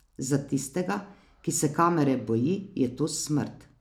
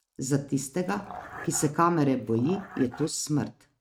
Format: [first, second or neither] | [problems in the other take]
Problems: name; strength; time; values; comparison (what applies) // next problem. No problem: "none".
first | noise reduction (neural mask model RNNoise)